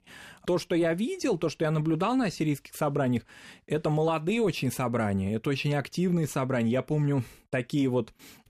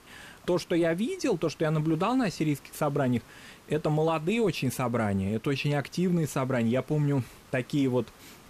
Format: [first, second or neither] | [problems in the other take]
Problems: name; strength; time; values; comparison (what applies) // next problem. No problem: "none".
first | hiss; faint; throughout; 25 dB below the speech